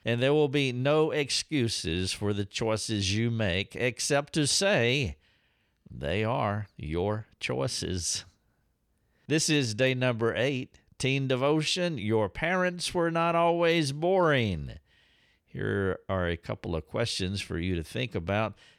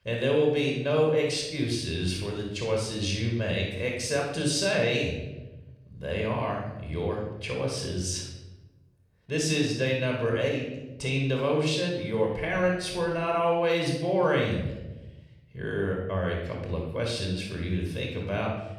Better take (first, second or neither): first